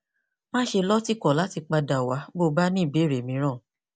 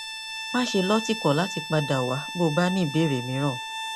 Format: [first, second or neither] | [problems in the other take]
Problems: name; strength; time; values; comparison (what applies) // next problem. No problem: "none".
first | background sound (Bowed string instrument); 8 dB below the speech